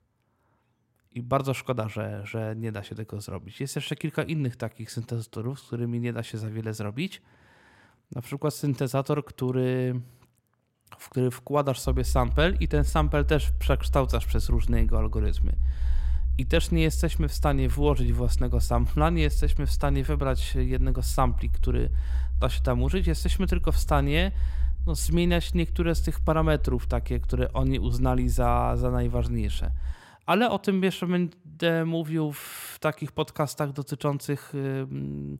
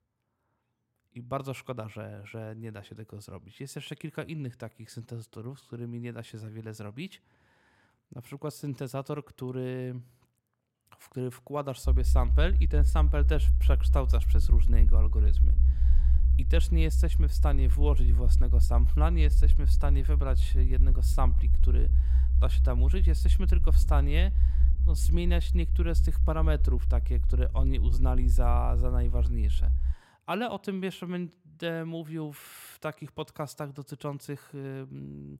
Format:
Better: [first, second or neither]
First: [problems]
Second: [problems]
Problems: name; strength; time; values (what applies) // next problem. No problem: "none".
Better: first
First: low rumble; faint; from 12 to 30 s; 20 dB below the speech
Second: low rumble; loud; from 12 to 30 s; 8 dB below the speech